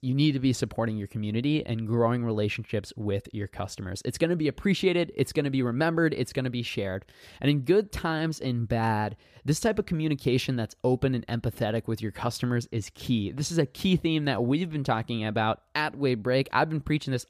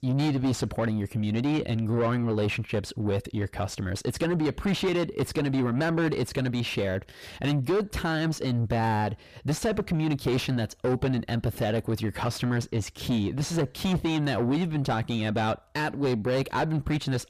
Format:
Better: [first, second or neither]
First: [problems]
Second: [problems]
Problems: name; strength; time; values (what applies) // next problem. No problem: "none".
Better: first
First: none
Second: distortion; heavy; 8 dB below the speech